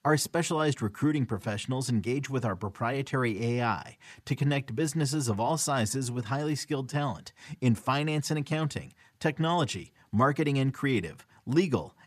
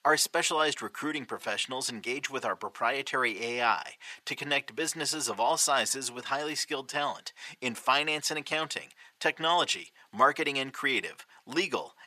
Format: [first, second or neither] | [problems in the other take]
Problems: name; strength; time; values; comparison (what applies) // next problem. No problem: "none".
first | thin; very; fading below 550 Hz